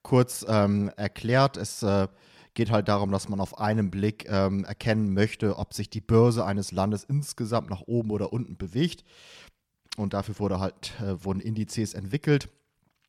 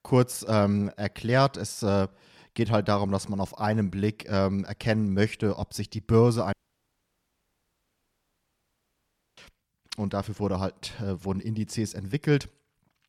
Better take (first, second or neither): first